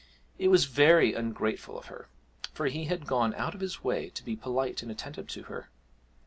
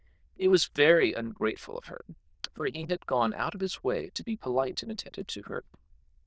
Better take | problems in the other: first | noise reduction (neural diffusion model UNIVERSE++)

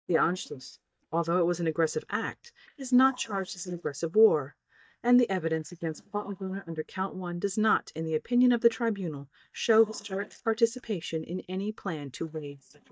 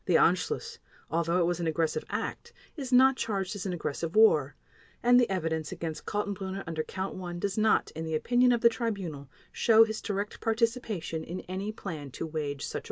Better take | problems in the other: second | noise reduction (neural mask model DeepFilterNet 3)

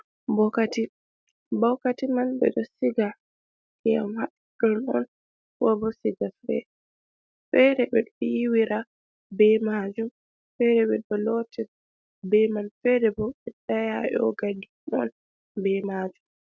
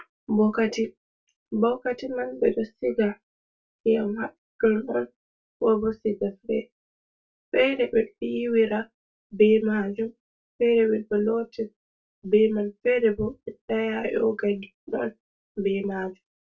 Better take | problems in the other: first | room echo; dies away in 0.1 s

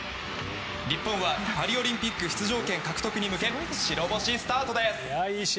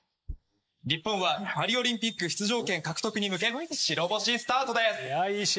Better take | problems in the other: first | noise reduction (neural mask model Resemble Enhance denoiser)

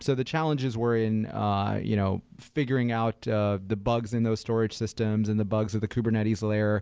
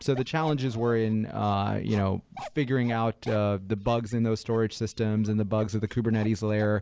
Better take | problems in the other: first | noise reduction (neural mask model Resemble Enhance denoiser)

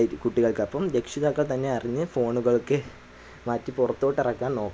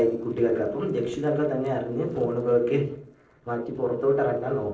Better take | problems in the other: first | noise reduction (neural separator model SepFormer DNS4)

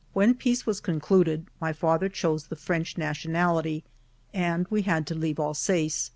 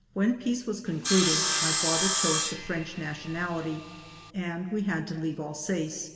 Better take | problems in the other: first | background sound (Sawing); 1 dB above the speech // room echo; dies away in 1.9 s

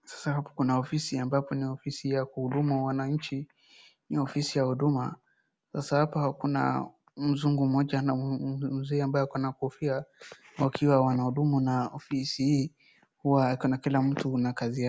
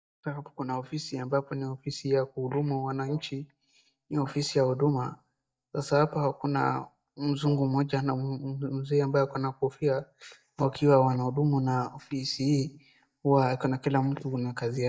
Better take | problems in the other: first | noise reduction (neural mask model DeepFilterNet 3)

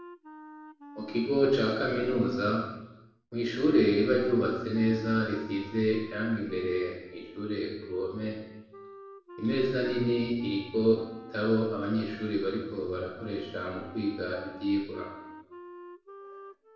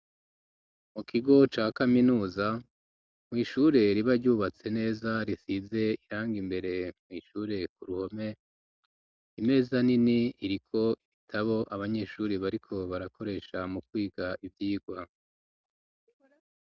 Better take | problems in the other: second | background sound (Wind instrument, woodwind instrument); 19 dB below the speech // room echo; dies away in 0.8 s

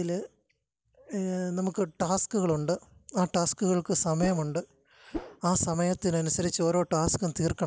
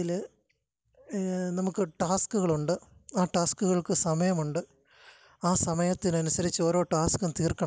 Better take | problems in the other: second | background sound (Whoosh, swoosh, swish); 10 dB below the speech

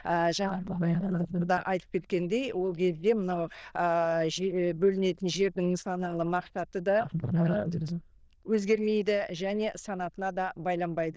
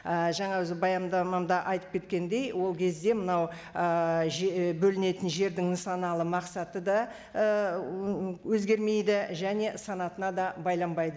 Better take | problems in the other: second | noise reduction (neural diffusion model UNIVERSE++)

